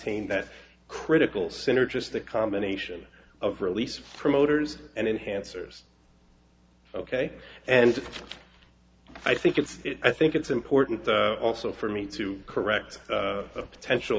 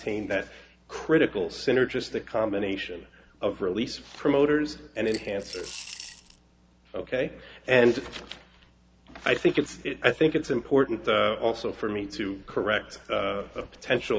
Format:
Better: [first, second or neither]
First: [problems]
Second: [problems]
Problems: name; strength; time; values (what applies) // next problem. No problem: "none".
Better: first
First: none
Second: background sound (Coin (dropping) / Glass); 16 dB below the speech